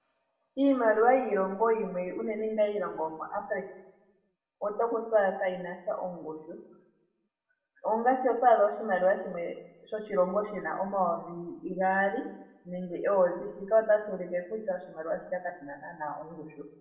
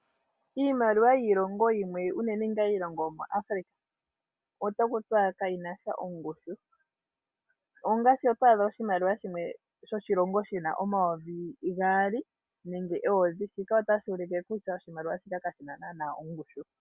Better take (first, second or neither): second